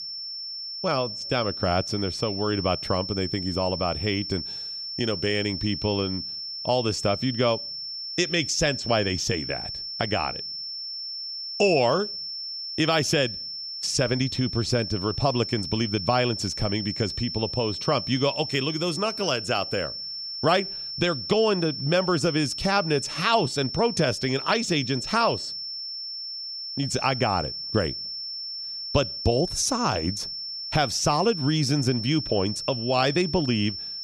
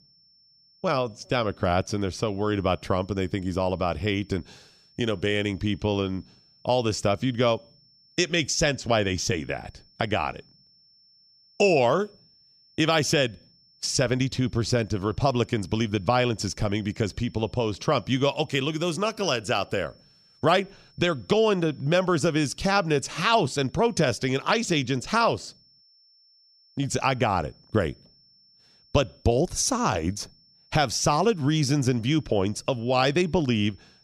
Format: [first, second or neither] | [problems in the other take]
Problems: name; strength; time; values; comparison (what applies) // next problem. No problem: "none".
second | high-pitched whine; loud; throughout; 5.5 kHz, 6 dB below the speech; faint in the second